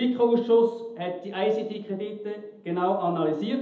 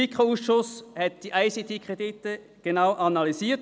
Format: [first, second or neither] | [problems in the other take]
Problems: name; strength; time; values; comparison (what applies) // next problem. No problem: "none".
second | room echo; dies away in 0.7 s